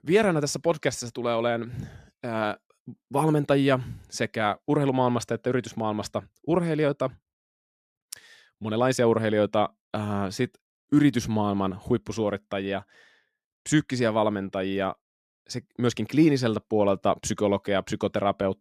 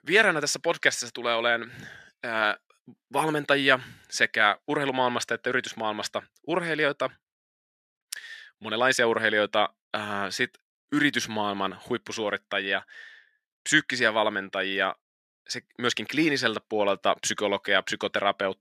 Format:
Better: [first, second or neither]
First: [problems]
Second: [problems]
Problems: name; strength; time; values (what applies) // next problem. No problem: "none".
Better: first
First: none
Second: thin; somewhat; fading below 1 kHz